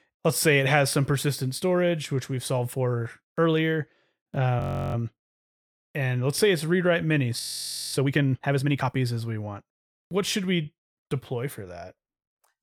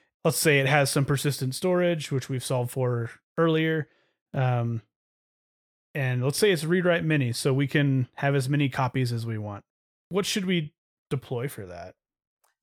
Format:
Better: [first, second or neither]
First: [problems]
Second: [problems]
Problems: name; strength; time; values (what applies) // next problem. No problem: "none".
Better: second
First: audio freezing; at 4.5 s and at 7.5 s for 0.5 s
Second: none